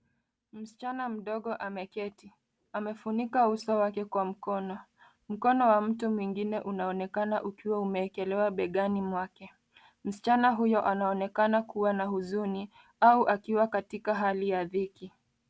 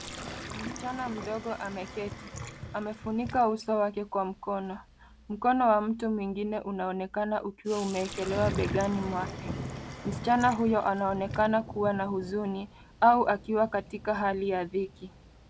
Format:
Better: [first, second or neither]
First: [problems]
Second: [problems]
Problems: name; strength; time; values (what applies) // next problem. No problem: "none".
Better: first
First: none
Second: background sound (Sink (filling or washing) + Thunder / Rain); 11 dB below the speech